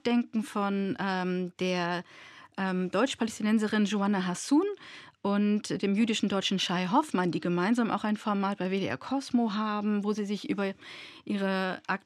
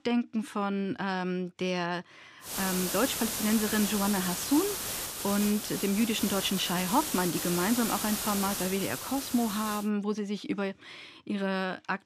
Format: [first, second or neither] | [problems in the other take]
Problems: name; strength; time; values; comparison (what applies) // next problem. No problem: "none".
first | hiss; loud; from 2.5 to 10 s; 2 dB below the speech